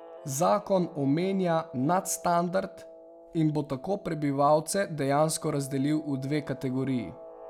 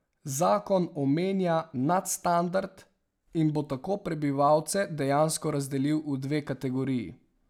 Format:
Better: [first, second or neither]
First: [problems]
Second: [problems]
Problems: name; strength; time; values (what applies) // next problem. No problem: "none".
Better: second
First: background sound (Guitar); 18 dB below the speech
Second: none